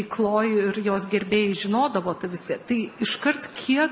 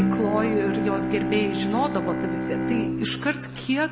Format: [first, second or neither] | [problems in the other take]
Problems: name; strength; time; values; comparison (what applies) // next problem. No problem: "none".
first | background sound (Bowed string instrument); as loud as the speech